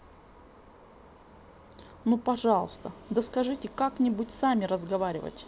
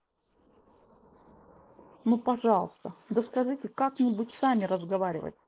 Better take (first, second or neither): first